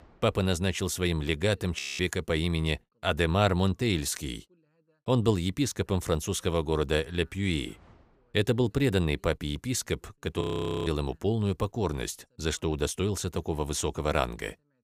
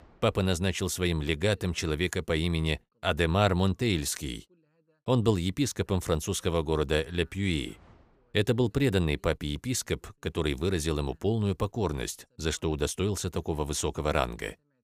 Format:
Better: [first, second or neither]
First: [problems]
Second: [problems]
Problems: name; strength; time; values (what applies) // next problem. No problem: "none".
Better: second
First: audio freezing; at 2 s and at 10 s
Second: none